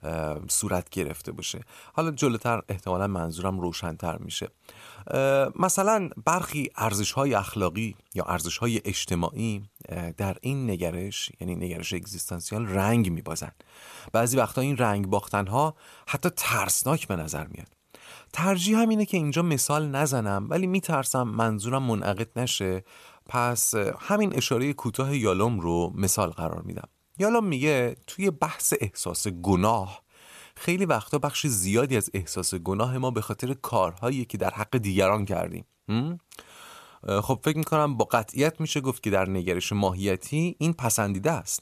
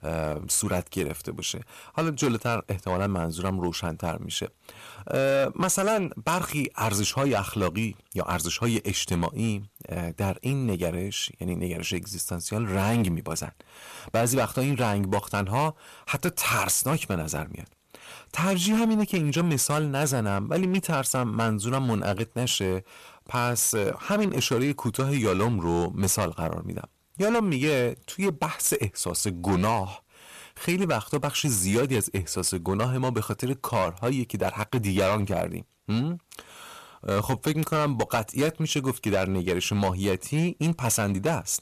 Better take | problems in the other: first | distortion; slight; 7% of the sound clipped

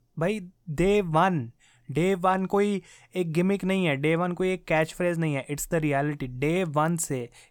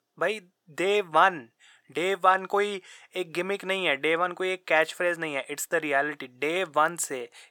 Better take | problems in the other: first | thin; very; fading below 500 Hz

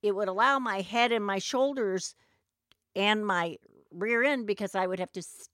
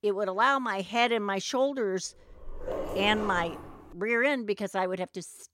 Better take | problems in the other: first | dog barking; noticeable; from 2.5 to 4 s; peak 7 dB below the speech

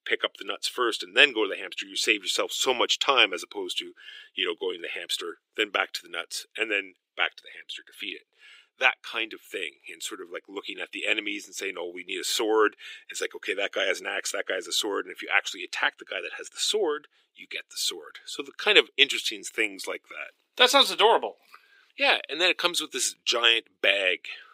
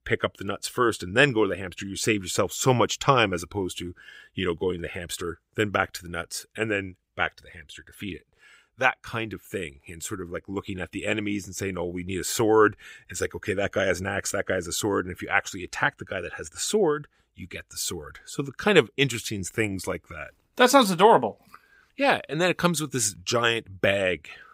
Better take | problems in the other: second | thin; somewhat; fading below 350 Hz

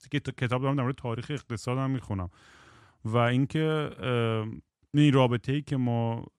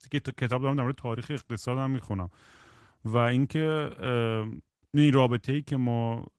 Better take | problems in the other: first | garbled, watery; slightly; nothing above 11.5 kHz

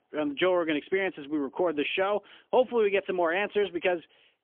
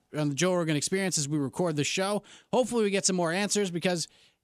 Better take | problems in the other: second | phone-call audio; poor line; nothing above 3.5 kHz

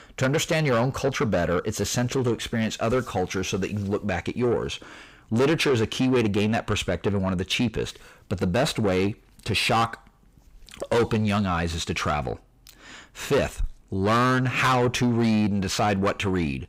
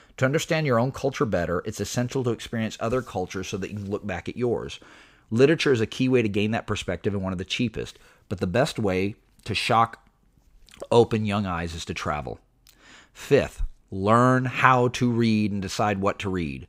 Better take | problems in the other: second | distortion; heavy; 7 dB below the speech

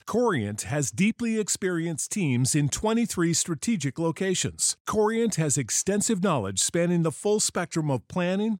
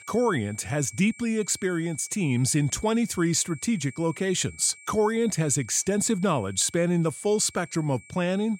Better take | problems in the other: first | high-pitched whine; faint; throughout; 2.5 kHz, 20 dB below the speech

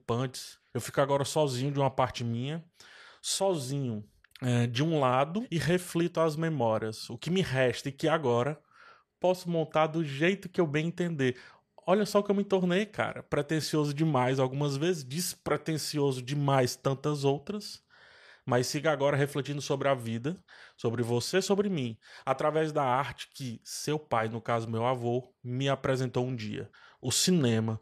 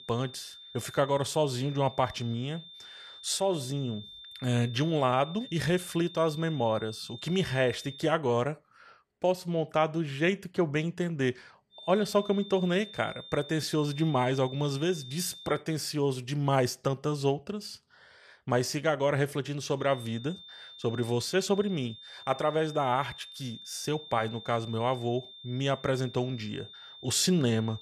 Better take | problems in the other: first | high-pitched whine; noticeable; until 8 s, from 12 to 16 s and from 20 s on; 3.5 kHz, 15 dB below the speech

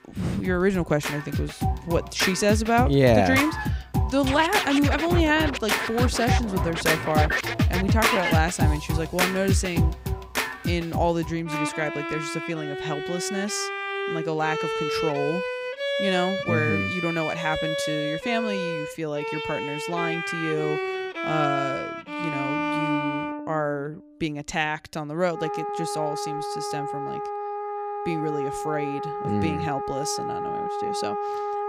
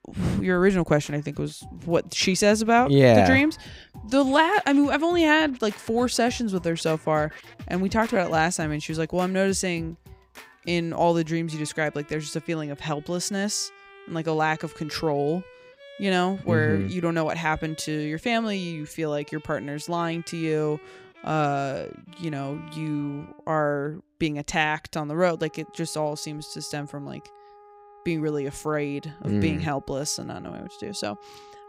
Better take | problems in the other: second | background music; loud; throughout; 1 dB below the speech; faint in the second

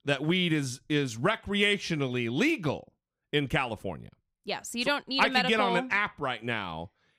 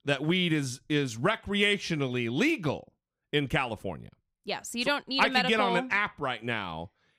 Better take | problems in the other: neither | none

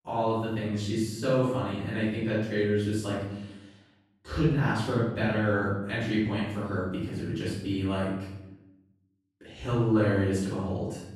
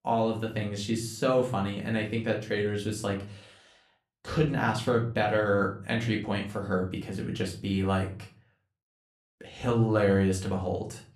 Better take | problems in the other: second | room echo; strong; dies away in 0.9 s; slight in the second // off-mic speech; far; somewhat distant in the second

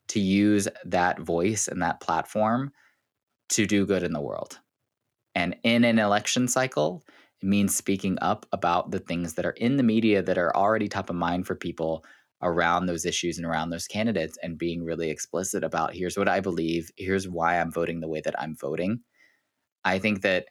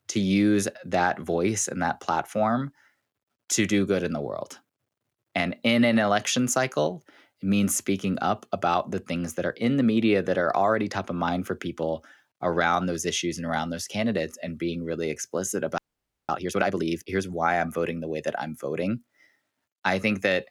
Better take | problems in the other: first | audio freezing; at 16 s for 0.5 s

